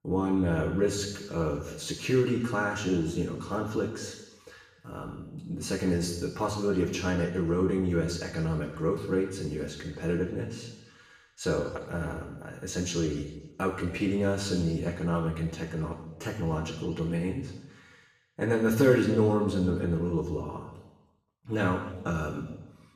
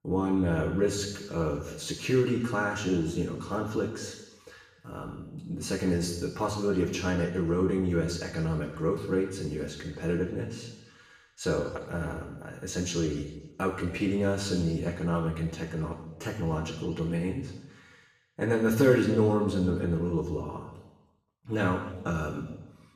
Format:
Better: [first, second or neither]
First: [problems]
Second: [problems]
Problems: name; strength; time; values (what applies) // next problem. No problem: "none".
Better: neither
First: room echo; noticeable; dies away in 1 s // off-mic speech; far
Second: room echo; noticeable; dies away in 1 s // off-mic speech; far